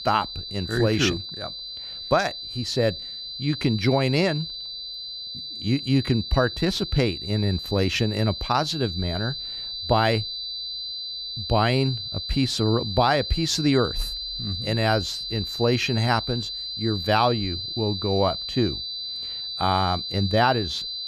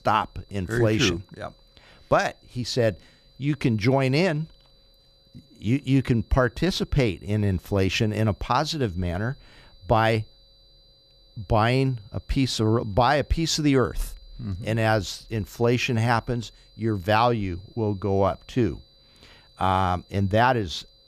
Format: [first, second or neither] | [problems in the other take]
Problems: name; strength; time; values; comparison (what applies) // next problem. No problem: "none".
second | high-pitched whine; loud; throughout; 4 kHz, 6 dB below the speech; faint in the second